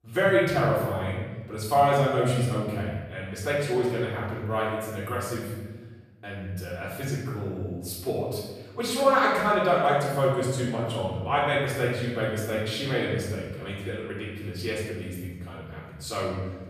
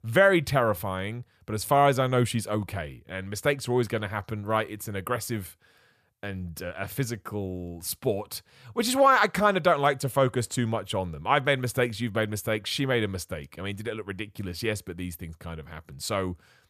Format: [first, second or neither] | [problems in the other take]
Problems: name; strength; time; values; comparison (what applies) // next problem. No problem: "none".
second | off-mic speech; far // room echo; noticeable; dies away in 1.2 s